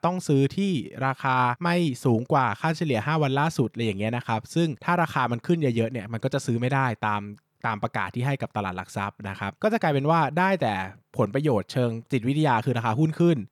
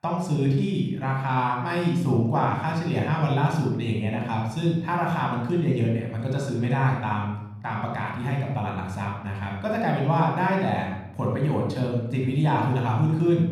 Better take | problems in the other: first | off-mic speech; somewhat distant // room echo; noticeable; dies away in 0.9 s

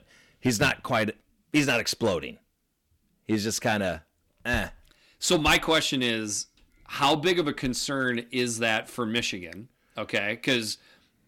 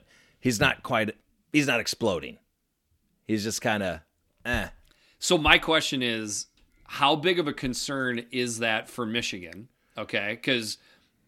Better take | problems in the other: second | distortion; slight; 2% of the sound clipped

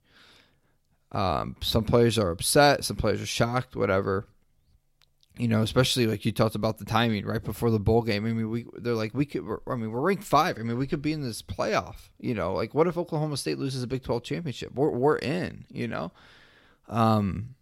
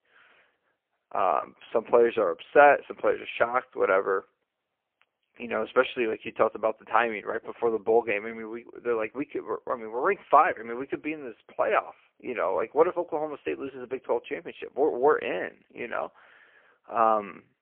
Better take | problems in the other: first | phone-call audio; poor line

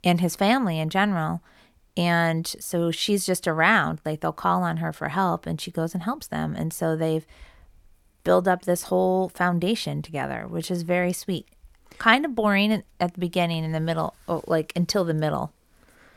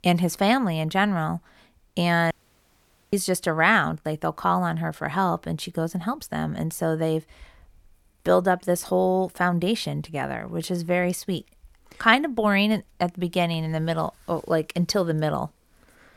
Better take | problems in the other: first | audio cutting out; at 2.5 s for 1 s

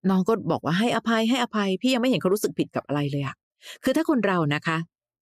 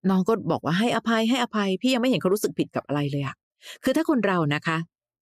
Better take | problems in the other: neither | none

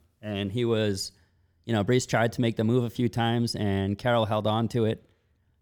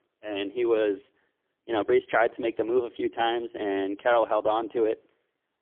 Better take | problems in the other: first | phone-call audio; poor line; nothing above 3.5 kHz

